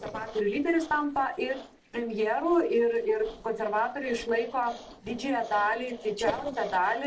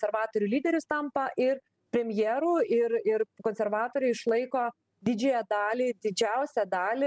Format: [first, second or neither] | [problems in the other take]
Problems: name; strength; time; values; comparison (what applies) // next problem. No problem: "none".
second | noise reduction (neural separator model SepFormer DNS4)